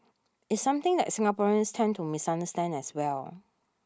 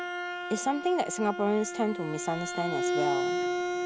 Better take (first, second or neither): first